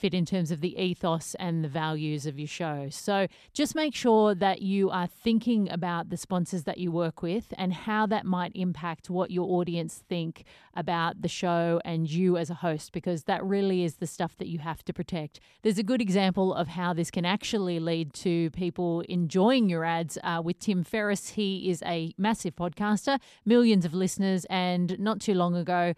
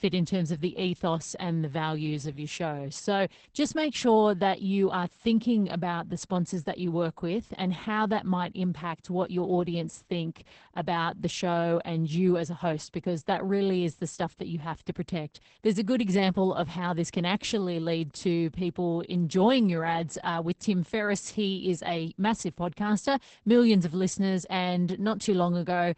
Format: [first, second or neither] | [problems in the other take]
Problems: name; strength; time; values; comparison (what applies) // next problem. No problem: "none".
first | garbled, watery; badly; nothing above 8 kHz